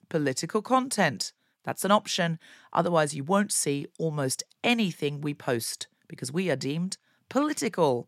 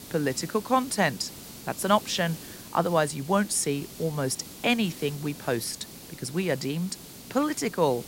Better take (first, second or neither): first